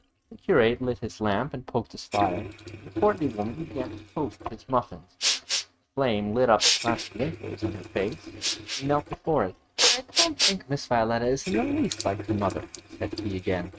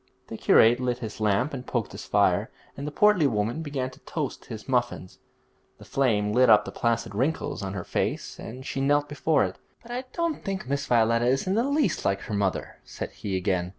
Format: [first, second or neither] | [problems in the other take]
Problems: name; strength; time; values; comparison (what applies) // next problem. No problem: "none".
second | noise reduction (neural mask model RNNoise)